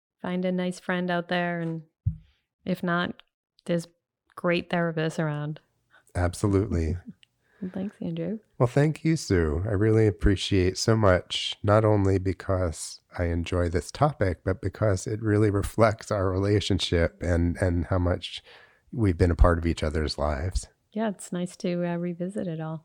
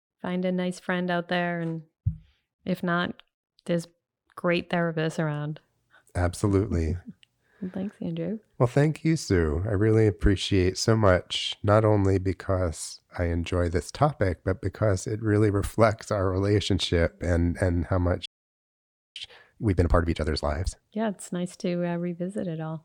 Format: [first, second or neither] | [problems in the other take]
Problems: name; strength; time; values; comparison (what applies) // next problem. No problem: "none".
first | audio freezing; at 18 s for 1 s